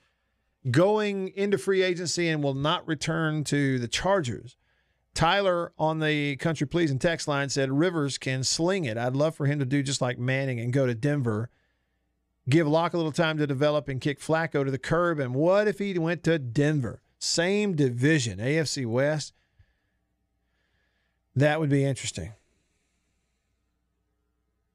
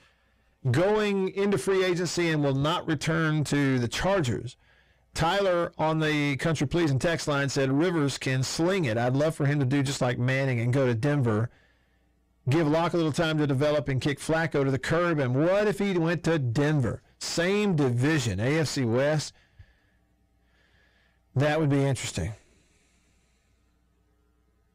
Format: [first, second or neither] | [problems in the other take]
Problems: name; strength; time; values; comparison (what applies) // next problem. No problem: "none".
first | distortion; heavy; 7 dB below the speech